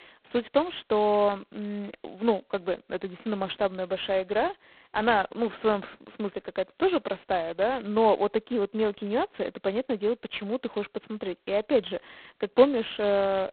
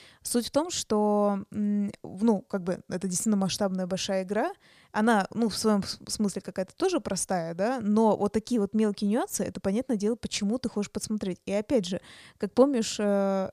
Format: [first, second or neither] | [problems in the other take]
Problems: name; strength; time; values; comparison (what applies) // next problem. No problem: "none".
second | phone-call audio; poor line; nothing above 4 kHz